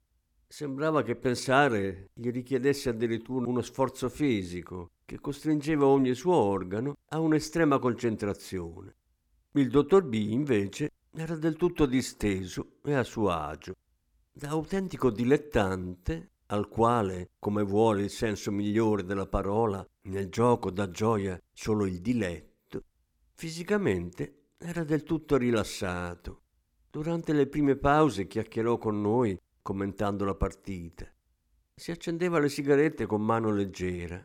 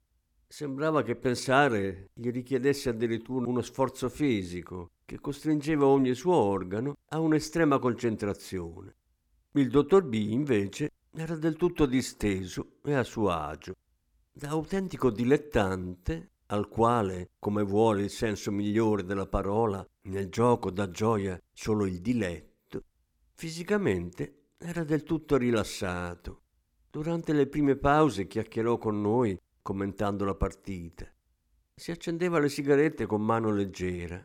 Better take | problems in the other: neither | none

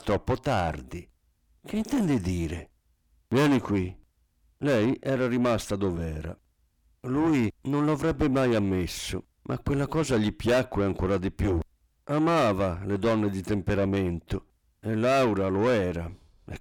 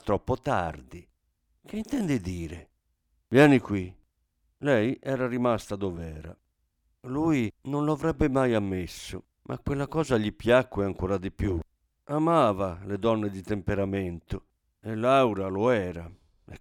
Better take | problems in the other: second | distortion; heavy; 7 dB below the speech

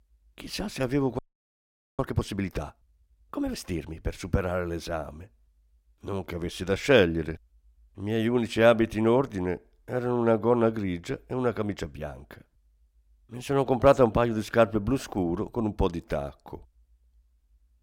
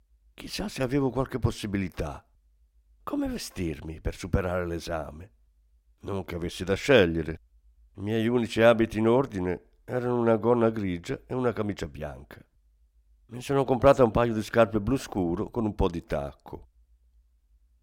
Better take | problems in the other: second | audio freezing; at 1 s for 1 s

